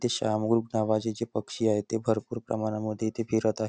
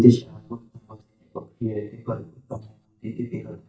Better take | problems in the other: first | noise reduction (neural mask model DeepFilterNet 3)

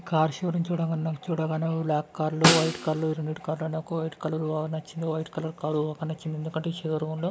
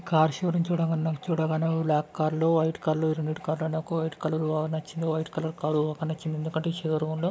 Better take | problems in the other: second | background sound (Snare drum); 1 dB above the speech

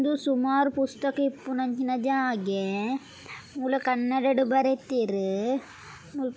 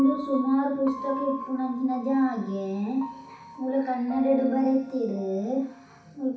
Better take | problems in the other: first | background sound (Piano); 14 dB below the speech // room echo; dies away in 0.6 s

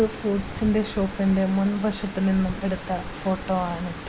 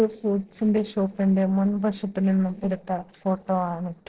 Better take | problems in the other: first | noise reduction (neural separator model SepFormer DNS4)

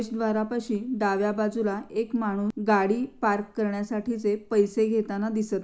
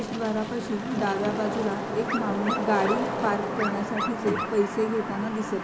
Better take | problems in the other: first | background sound (Wind / Rain + Dog); 2 dB below the speech

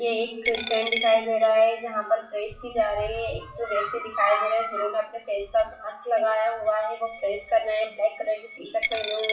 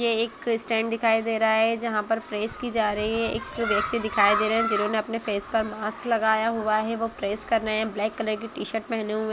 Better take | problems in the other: second | noise reduction (classical method WPE with log-MMSE)

